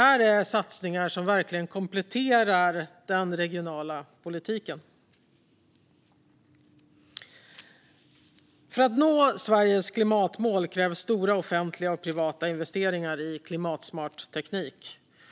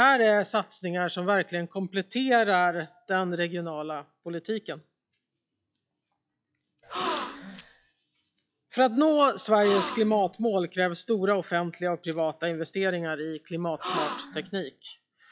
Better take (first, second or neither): first